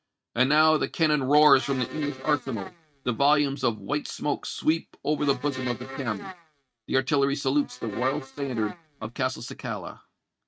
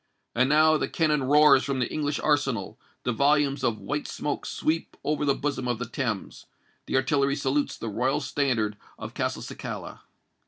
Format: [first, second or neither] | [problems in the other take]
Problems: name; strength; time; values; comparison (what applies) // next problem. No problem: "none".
second | noise reduction (neural mask model RNNoise)